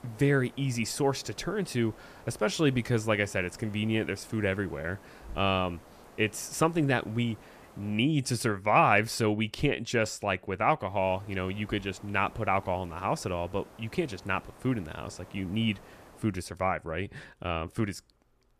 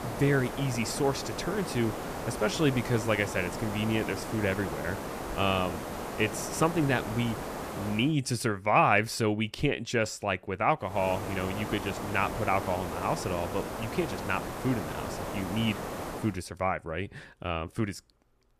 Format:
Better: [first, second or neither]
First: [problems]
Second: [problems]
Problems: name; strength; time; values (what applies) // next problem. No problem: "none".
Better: first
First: hiss; faint; until 8 s and from 11 to 16 s; 25 dB below the speech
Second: hiss; loud; until 8 s and from 11 to 16 s; 7 dB below the speech